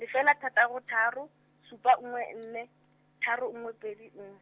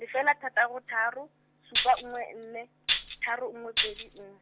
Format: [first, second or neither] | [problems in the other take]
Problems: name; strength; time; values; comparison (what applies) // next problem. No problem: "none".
first | background sound (Tambourine); 1 dB above the speech